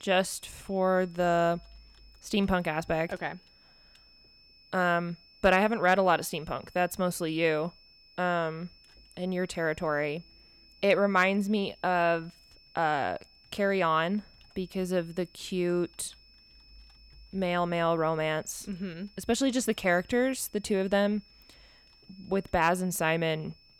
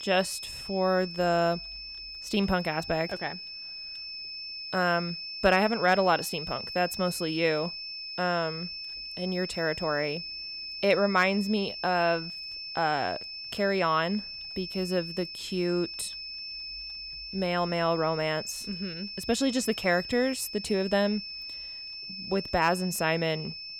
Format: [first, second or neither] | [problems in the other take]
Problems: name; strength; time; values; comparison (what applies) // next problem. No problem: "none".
first | high-pitched whine; loud; throughout; 5.5 kHz, 8 dB below the speech; faint in the first